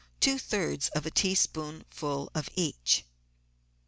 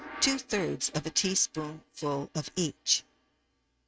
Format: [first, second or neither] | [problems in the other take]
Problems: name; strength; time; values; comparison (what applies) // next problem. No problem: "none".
first | noise reduction (neural mask model RNNoise)